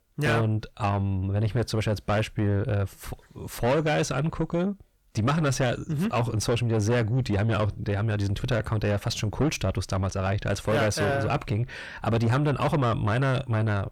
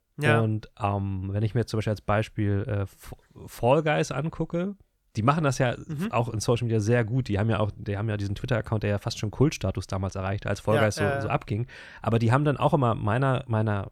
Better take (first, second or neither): second